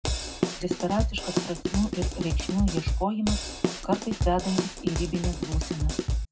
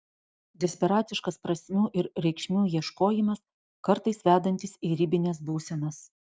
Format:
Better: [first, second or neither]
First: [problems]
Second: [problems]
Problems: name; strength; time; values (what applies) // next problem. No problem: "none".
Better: second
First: background sound (Drum kit); 2 dB above the speech // room echo; dies away in 0.3 s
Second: none